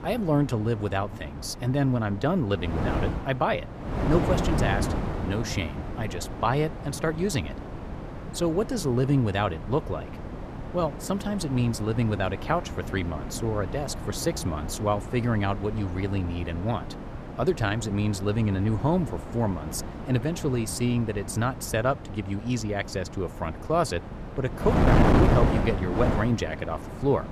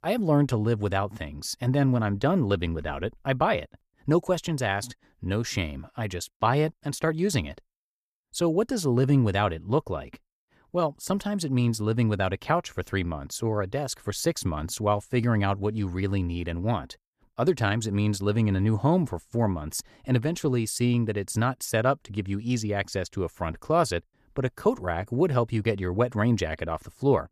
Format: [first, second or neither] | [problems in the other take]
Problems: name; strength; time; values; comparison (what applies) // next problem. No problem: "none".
second | wind noise on the microphone; heavy; 6 dB below the speech